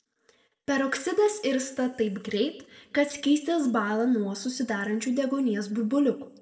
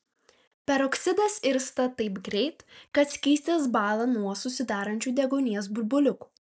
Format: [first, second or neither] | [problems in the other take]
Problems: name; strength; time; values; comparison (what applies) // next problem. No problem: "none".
second | room echo; dies away in 0.7 s